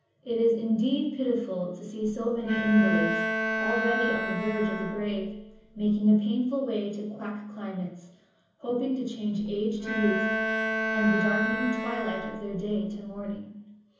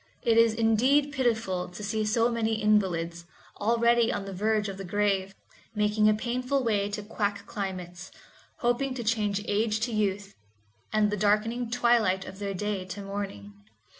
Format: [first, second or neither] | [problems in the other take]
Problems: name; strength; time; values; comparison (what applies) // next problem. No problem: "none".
second | background sound (Bowed string instrument); 2 dB below the speech // room echo; dies away in 0.7 s